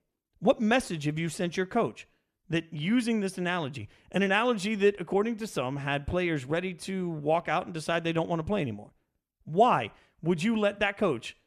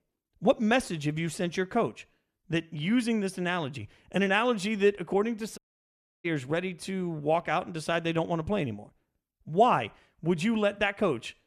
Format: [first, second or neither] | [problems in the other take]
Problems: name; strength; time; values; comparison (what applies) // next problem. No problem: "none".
first | audio cutting out; at 5.5 s for 0.5 s